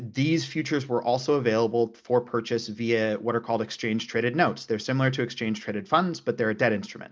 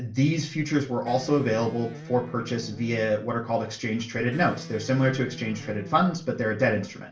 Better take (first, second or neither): first